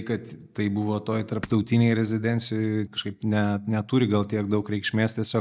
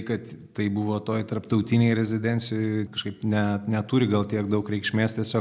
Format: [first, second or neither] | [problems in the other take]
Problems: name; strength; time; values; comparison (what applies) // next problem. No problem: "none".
second | noise reduction (neural mask model DeepFilterNet 3)